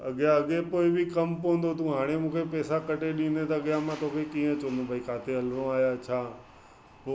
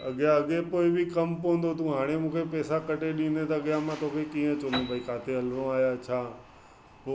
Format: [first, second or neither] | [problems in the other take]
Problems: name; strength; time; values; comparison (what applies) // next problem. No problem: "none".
first | background sound (Piano); 19 dB below the speech